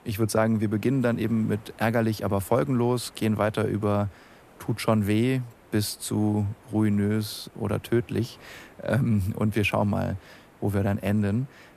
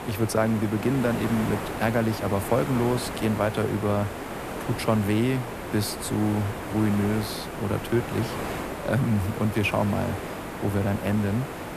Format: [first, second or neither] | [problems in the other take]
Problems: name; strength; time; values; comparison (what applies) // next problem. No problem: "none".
first | hiss; loud; throughout; 7 dB below the speech; faint in the first